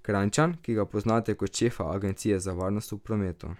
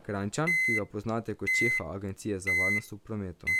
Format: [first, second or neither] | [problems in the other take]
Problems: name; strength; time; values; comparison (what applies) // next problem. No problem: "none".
first | background sound (Microwave oven); 3 dB above the speech